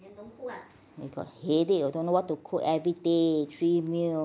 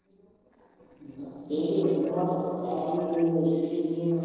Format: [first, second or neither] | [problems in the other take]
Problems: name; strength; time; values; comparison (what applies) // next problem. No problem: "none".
first | noise reduction (neural separator model SepFormer DNS4)